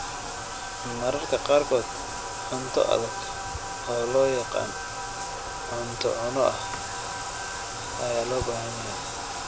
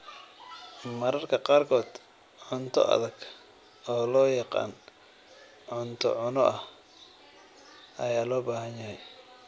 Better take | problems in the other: second | background sound (Bathtub (filling or washing)); 4 dB below the speech

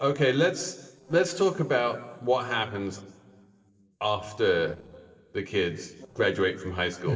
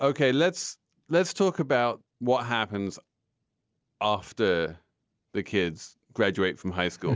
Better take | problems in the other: second | noise reduction (neural separator model SepFormer DNS4)

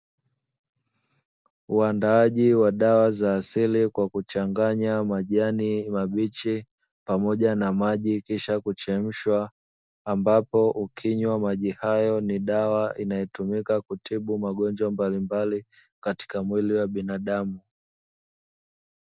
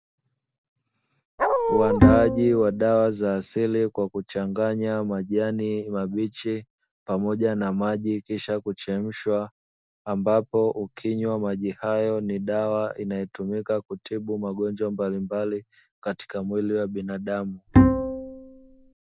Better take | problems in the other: first | background sound (Dog + Bowed string instrument); 5 dB above the speech

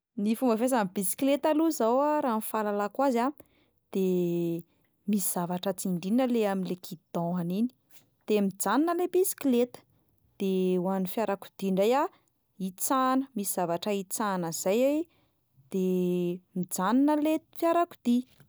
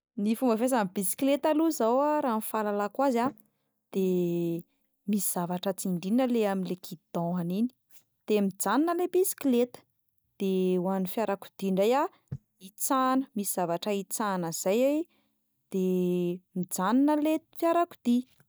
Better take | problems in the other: first | noise reduction (neural mask model DeepFilterNet 3)

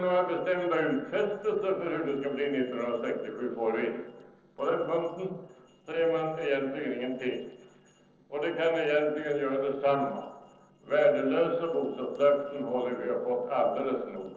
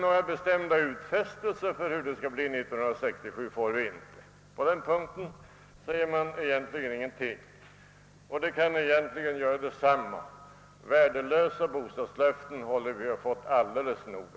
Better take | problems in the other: second | noise reduction (neural separator model SepFormer DNS4)

